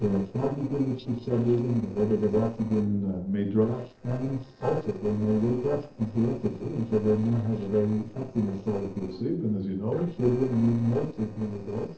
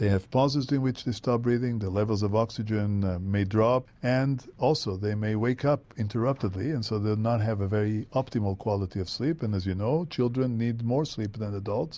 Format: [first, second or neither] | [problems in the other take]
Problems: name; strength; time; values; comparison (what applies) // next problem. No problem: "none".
second | noise reduction (neural separator model SepFormer DNS4)